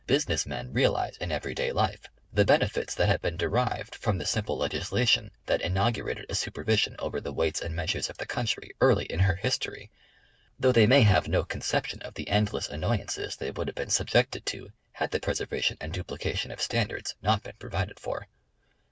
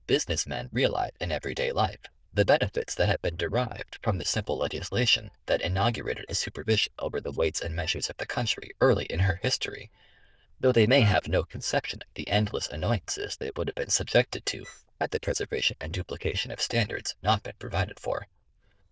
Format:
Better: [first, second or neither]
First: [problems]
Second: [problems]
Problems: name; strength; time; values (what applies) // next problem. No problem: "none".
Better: first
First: none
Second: noise reduction (neural diffusion model UNIVERSE++)